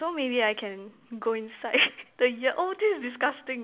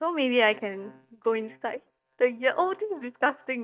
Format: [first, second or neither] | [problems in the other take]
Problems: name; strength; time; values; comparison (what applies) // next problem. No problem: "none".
first | noise reduction (neural mask model DeepFilterNet 3)